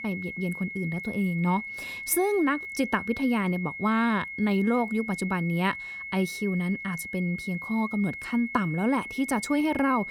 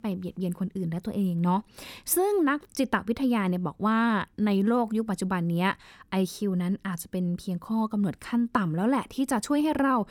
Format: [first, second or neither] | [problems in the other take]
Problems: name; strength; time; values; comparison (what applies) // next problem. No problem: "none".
second | high-pitched whine; loud; throughout; 2 kHz, 8 dB below the speech